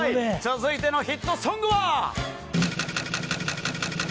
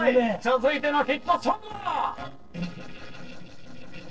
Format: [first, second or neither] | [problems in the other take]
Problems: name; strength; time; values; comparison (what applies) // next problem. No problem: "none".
first | noise reduction (neural separator model SepFormer DNS4)